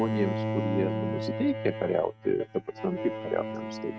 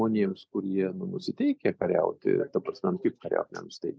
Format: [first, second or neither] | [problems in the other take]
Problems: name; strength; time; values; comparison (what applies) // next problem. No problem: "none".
second | noise reduction (neural mask model RNNoise)